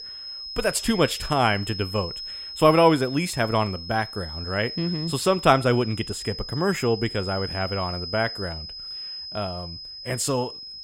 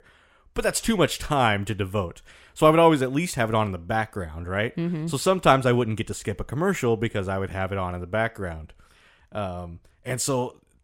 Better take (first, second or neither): second